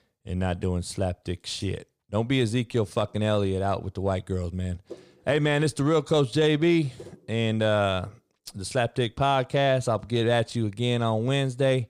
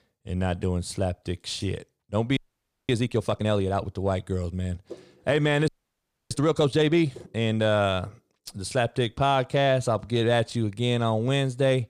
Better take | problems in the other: first | audio freezing; at 2.5 s for 0.5 s and at 5.5 s for 0.5 s

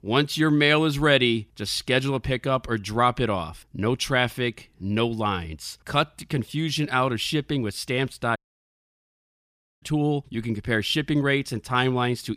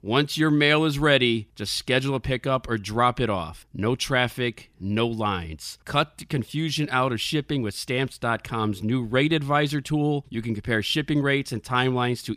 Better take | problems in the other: second | audio cutting out; at 8.5 s for 1.5 s

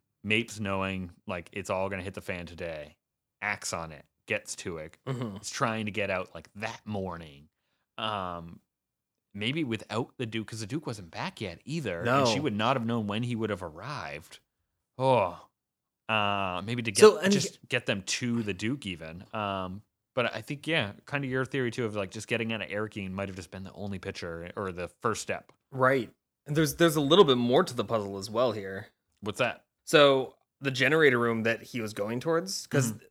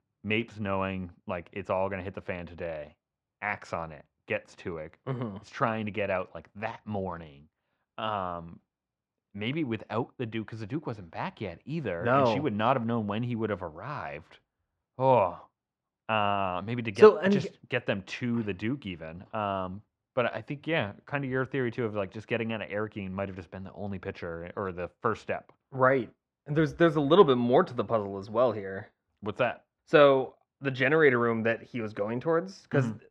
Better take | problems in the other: first | muffled; very; fading above 2.5 kHz

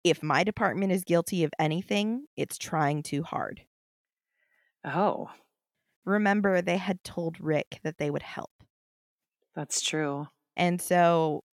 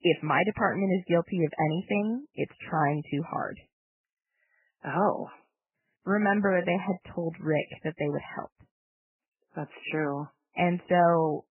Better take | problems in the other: first | garbled, watery; badly; nothing above 3 kHz

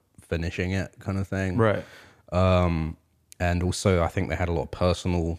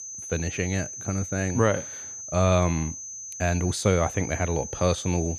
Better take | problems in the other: first | high-pitched whine; loud; throughout; 6 kHz, 9 dB below the speech

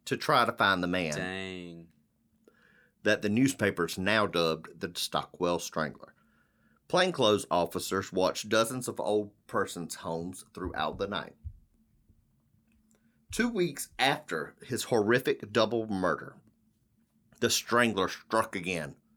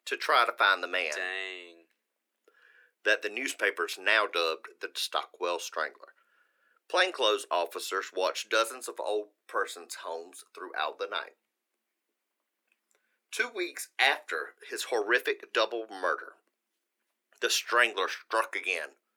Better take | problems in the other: first | thin; very; fading below 350 Hz

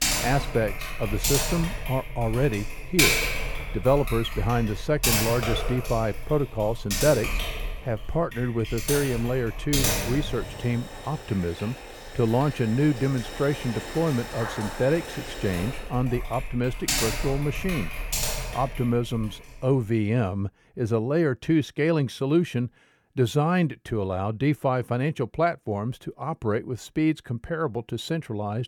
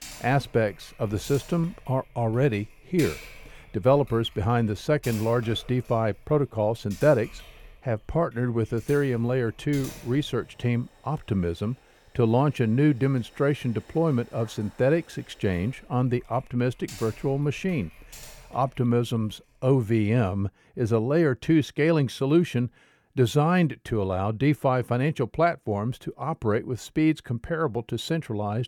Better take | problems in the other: second | household noises; loud; until 19 s; 3 dB below the speech; faint in the second

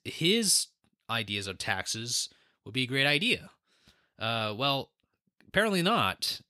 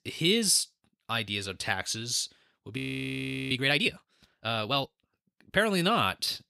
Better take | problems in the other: first | audio freezing; at 3 s for 0.5 s

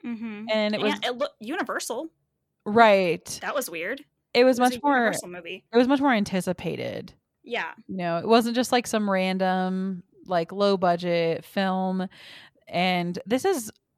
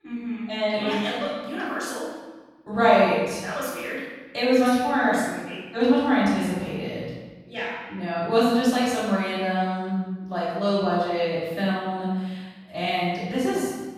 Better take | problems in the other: first | off-mic speech; far // room echo; strong; dies away in 1.2 s

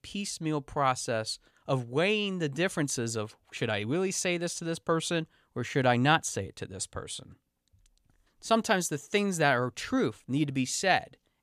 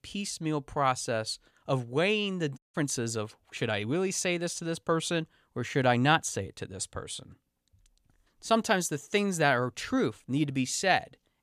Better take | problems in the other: first | audio cutting out; at 2.5 s

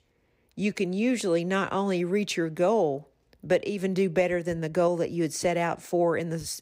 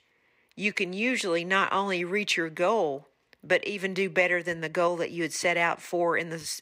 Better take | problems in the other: first | thin; very slightly; fading below 300 Hz

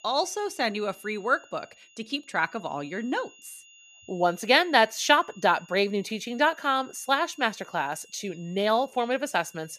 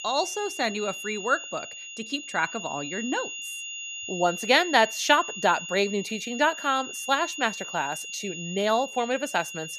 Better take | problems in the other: first | high-pitched whine; loud; throughout; 3 kHz, 9 dB below the speech; faint in the first

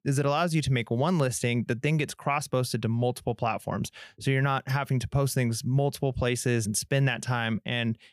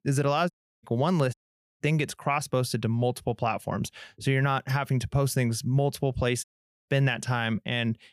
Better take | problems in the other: first | audio cutting out; at 0.5 s, at 1.5 s and at 6.5 s

